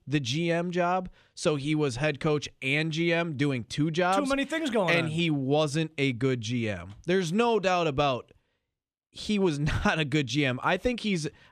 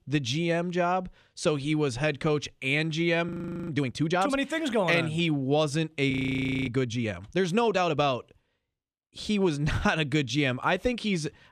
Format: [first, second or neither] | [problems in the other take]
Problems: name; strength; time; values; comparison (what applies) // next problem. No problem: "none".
first | audio freezing; at 3.5 s and at 6 s for 0.5 s